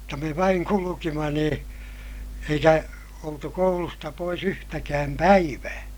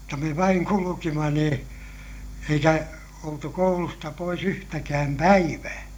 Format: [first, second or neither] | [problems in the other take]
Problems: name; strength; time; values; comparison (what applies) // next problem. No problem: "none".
first | room echo; dies away in 0.2 s